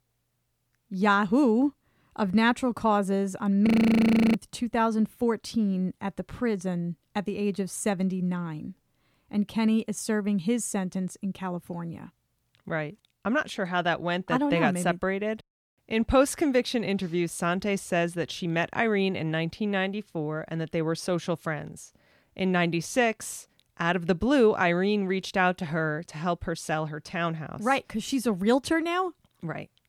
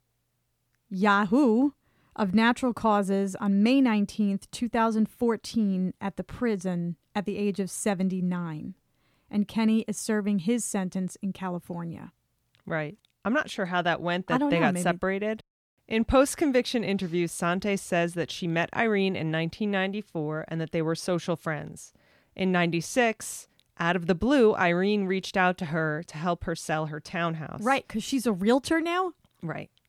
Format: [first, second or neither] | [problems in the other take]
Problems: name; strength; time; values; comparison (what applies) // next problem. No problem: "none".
second | audio freezing; at 3.5 s for 0.5 s